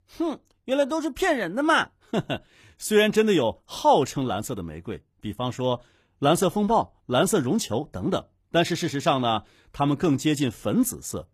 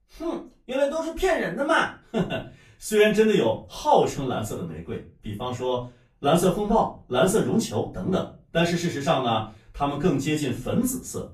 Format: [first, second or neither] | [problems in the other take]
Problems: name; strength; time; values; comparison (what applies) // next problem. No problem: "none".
first | off-mic speech; far // room echo; slight; dies away in 0.3 s